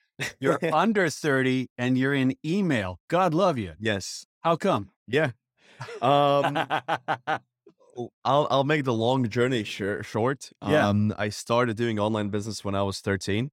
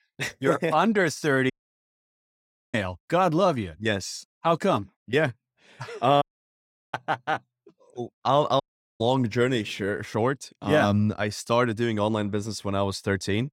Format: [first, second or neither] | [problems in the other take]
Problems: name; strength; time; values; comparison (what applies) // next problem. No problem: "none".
first | audio cutting out; at 1.5 s for 1 s, at 6 s for 0.5 s and at 8.5 s